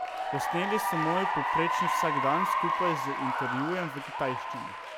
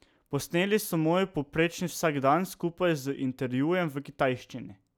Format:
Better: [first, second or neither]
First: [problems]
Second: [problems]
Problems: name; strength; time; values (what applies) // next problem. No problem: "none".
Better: second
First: background sound (Applause / Cheering); 3 dB above the speech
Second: none